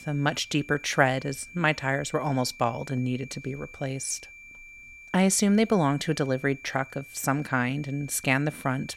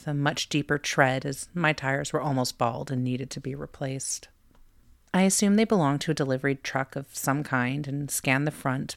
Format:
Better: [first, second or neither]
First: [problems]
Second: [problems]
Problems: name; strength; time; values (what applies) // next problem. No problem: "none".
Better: second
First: high-pitched whine; noticeable; throughout; 2.5 kHz, 20 dB below the speech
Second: none